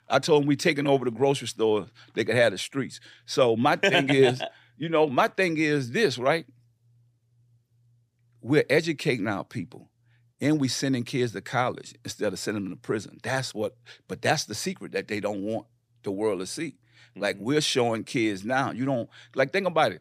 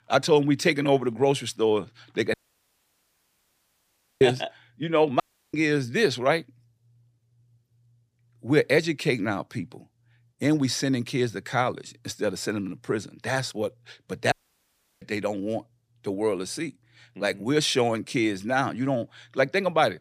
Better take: first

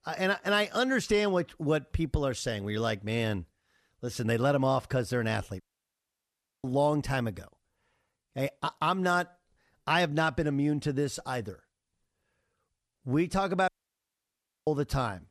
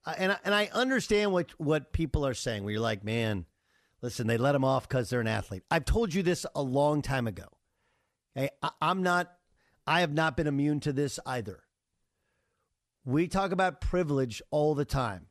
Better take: second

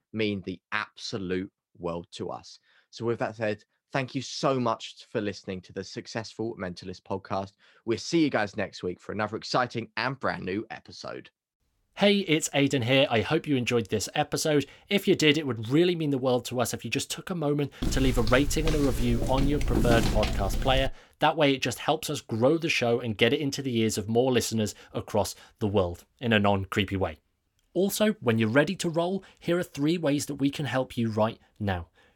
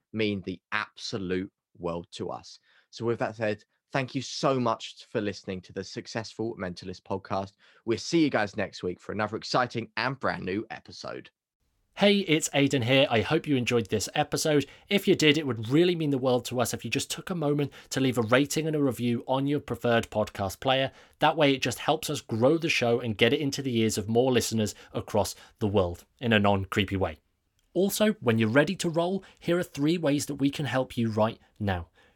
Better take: second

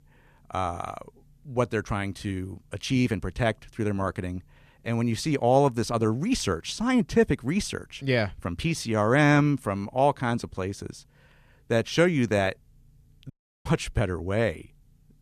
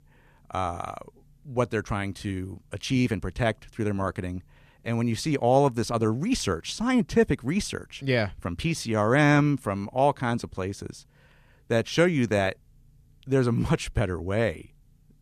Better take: second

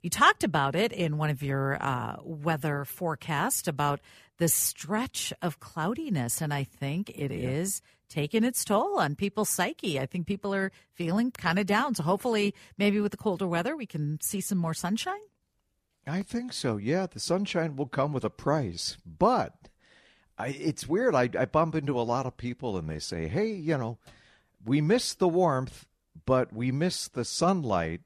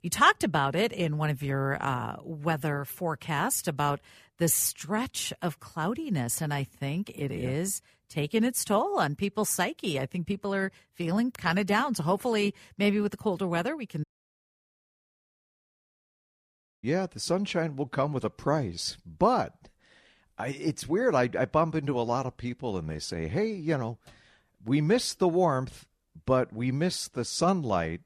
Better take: first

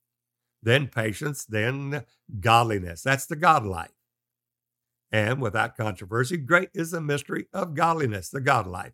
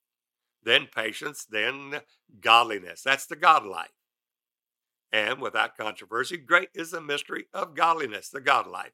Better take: first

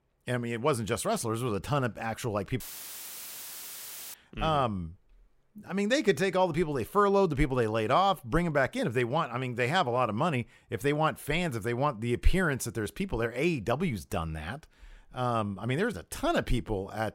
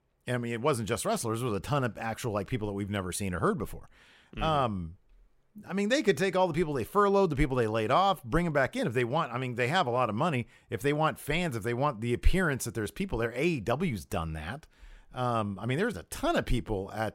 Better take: second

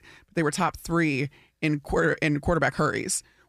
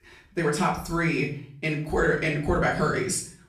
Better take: first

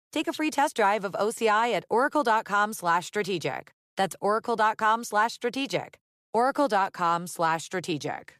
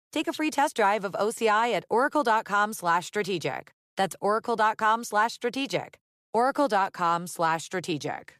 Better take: neither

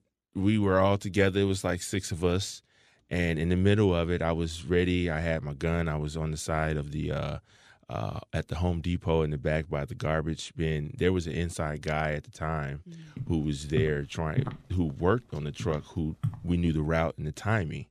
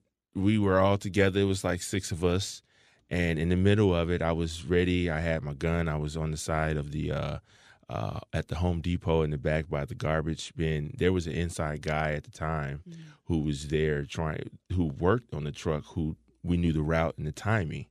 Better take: second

